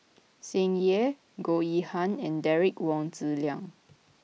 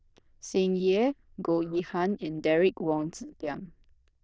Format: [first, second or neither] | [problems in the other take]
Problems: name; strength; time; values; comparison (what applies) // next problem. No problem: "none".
first | noise reduction (neural diffusion model UNIVERSE++)